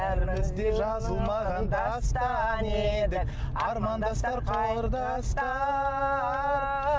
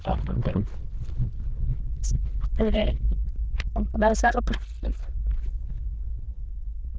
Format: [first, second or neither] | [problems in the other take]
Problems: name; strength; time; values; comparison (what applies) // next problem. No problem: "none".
first | noise reduction (neural diffusion model UNIVERSE++)